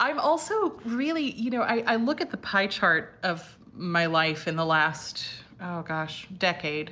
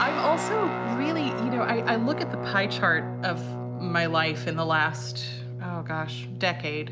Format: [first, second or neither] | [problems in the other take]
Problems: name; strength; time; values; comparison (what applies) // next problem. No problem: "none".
first | background sound (Guitar); 4 dB below the speech